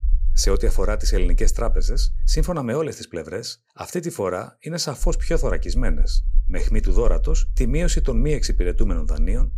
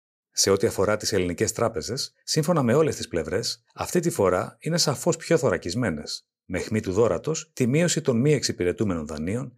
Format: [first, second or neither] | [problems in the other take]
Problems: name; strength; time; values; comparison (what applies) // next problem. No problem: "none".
second | low rumble; faint; until 2.5 s and from 5 s on; 25 dB below the speech